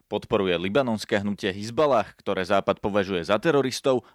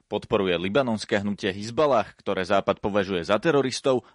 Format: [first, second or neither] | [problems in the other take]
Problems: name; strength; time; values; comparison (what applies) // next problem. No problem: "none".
first | garbled, watery; slightly; nothing above 10.5 kHz